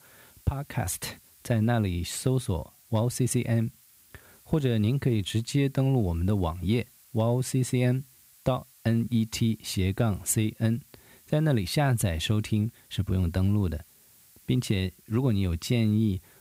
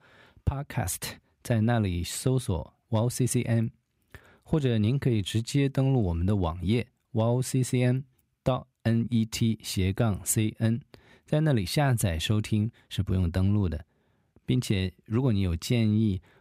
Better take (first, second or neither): second